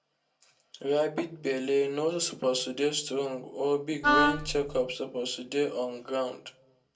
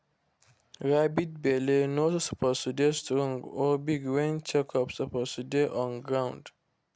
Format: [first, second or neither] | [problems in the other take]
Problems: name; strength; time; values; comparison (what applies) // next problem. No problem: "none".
second | background sound (Wind instrument, woodwind instrument); 4 dB above the speech // room echo; dies away in 0.2 s